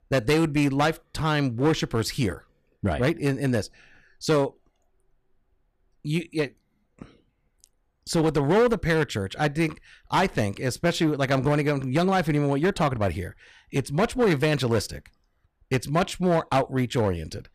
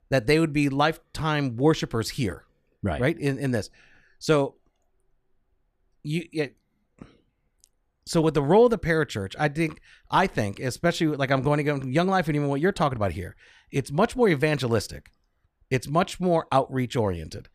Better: second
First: distortion; slight; 6% of the sound clipped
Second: none

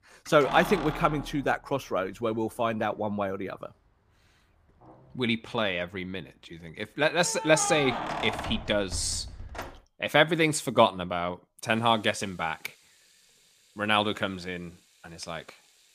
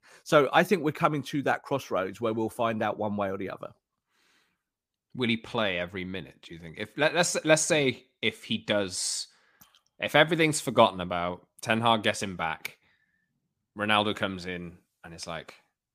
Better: second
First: household noises; loud; throughout; 9 dB below the speech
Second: none

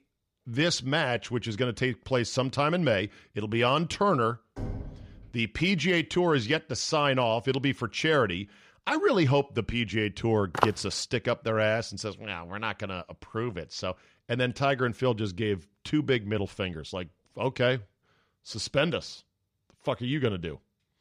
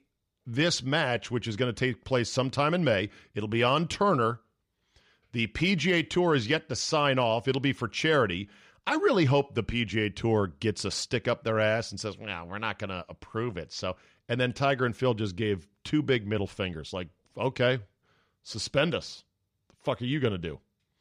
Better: second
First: door banging; noticeable; at 4.5 s; peak 9 dB below the speech // footsteps; noticeable; at 11 s; peak 1 dB below the speech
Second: none

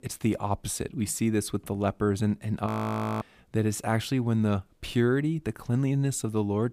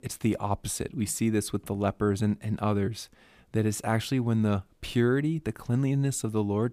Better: second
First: audio freezing; at 2.5 s for 0.5 s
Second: none

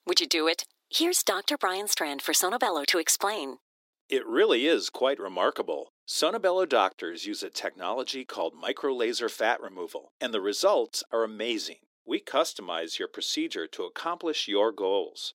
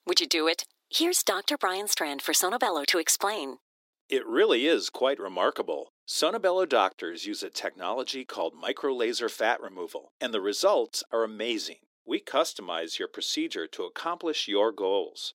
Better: neither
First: thin; somewhat; fading below 300 Hz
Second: thin; somewhat; fading below 300 Hz

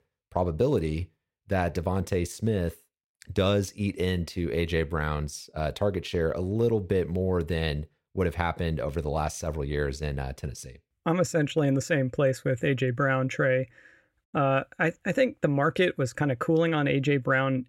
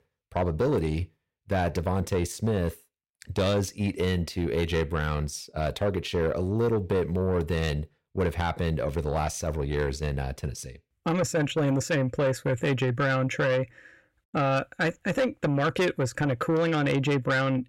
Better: first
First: none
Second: distortion; slight; 10 dB below the speech

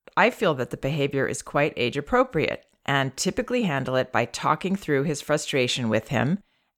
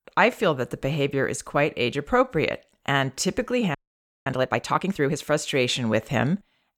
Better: first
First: none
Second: audio freezing; at 4 s for 0.5 s

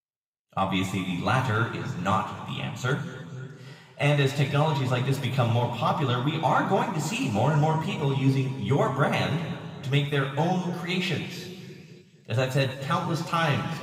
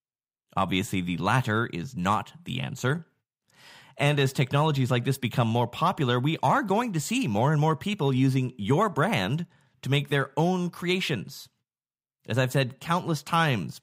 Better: second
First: room echo; noticeable; dies away in 2.1 s // off-mic speech; somewhat distant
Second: none

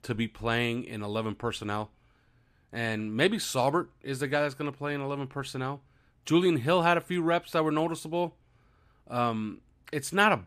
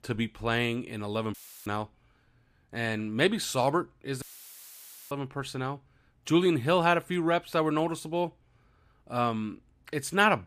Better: first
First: none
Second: audio cutting out; filled with static; at 1.5 s and at 4 s for 1 s

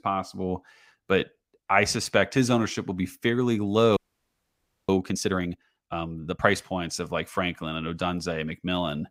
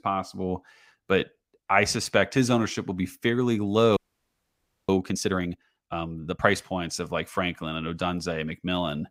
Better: neither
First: audio freezing; at 4 s for 1 s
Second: audio freezing; at 4 s for 1 s

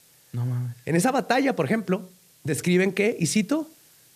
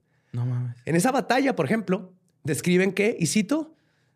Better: second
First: hiss; faint; throughout; 30 dB below the speech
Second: none

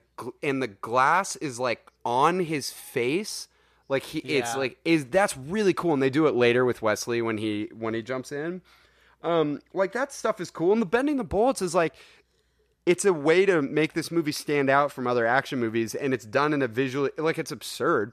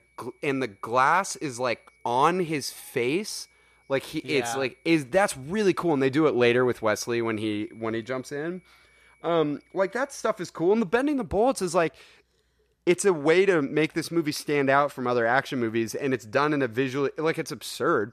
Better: first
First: none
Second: high-pitched whine; faint; until 10 s; 2.5 kHz, 35 dB below the speech

